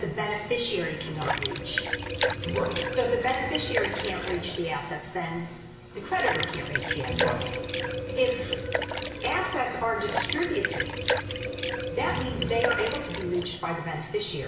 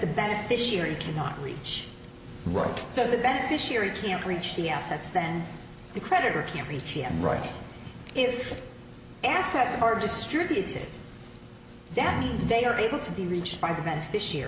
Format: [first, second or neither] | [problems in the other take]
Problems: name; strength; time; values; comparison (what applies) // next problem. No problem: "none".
second | background sound (Liquid); 1 dB below the speech // room echo; dies away in 1 s